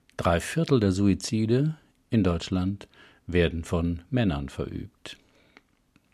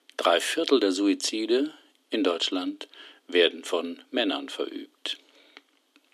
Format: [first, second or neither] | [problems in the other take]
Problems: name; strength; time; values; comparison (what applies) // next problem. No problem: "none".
first | thin; somewhat; fading below 300 Hz